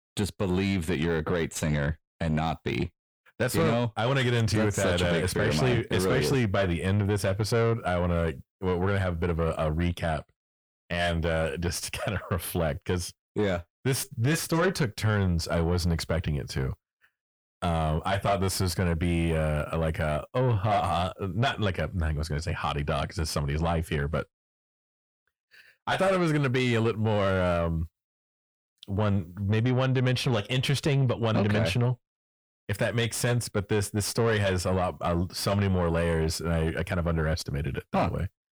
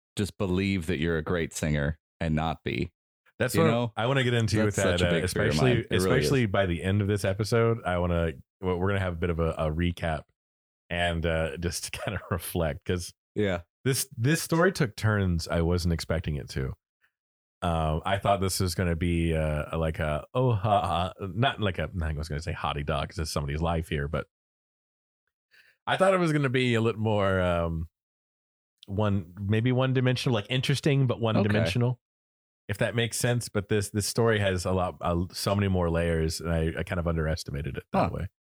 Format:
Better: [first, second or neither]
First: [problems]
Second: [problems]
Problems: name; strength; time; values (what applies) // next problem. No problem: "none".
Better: second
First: distortion; slight; 10 dB below the speech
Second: none